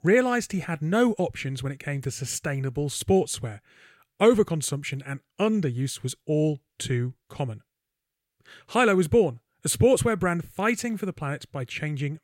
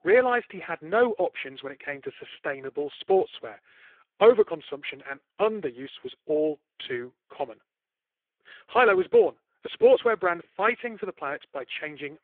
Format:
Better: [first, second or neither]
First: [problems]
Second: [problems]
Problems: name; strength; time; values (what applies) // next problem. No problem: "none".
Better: first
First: none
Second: phone-call audio; poor line